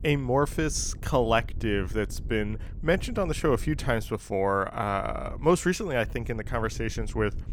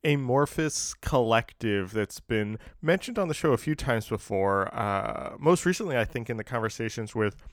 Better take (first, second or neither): second